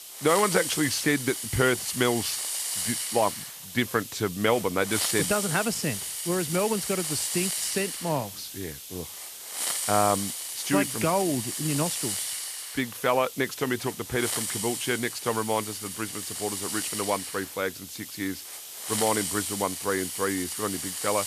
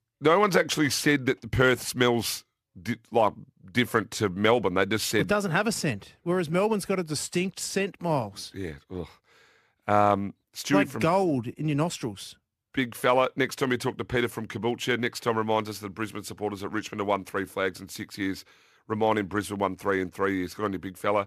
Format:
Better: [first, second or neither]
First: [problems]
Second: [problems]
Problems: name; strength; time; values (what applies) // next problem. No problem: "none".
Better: second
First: hiss; loud; throughout; 3 dB below the speech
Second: none